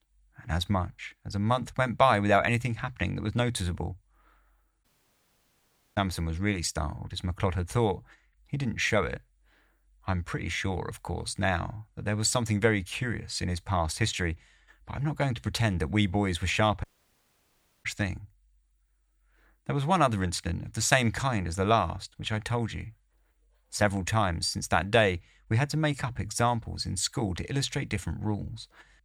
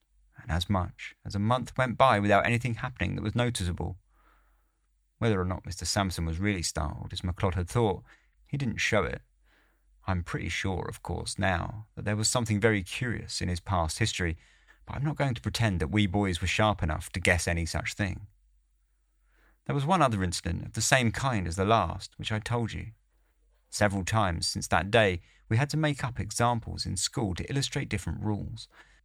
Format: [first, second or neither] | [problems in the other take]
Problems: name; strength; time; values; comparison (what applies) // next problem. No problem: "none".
second | audio cutting out; at 5 s for 1 s and at 17 s for 1 s